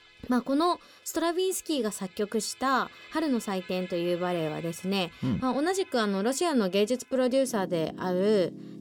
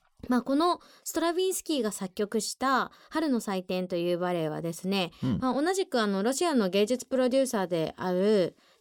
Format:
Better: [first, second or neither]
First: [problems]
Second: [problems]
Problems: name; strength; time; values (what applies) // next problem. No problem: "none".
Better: second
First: background music; noticeable; throughout; 20 dB below the speech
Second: none